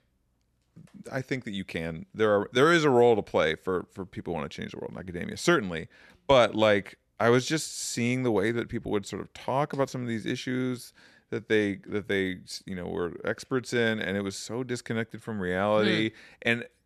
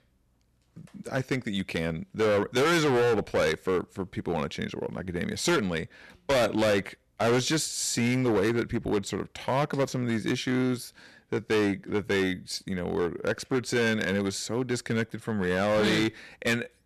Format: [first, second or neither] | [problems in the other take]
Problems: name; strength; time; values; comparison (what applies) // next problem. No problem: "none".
first | distortion; heavy; 11% of the sound clipped